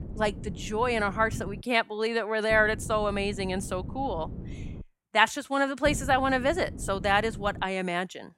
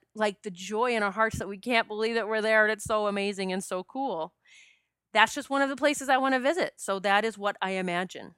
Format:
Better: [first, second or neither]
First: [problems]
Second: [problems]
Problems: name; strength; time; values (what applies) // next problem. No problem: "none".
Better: second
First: wind noise on the microphone; occasional gusts; until 1.5 s, from 2.5 to 5 s and from 6 to 7.5 s; 20 dB below the speech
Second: none